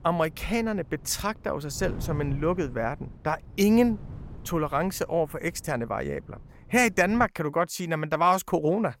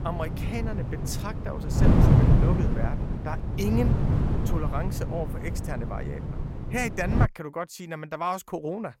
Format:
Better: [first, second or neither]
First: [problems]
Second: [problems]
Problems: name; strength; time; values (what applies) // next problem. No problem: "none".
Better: first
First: wind noise on the microphone; occasional gusts; until 7.5 s; 25 dB below the speech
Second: wind noise on the microphone; heavy; until 7.5 s; 1 dB below the speech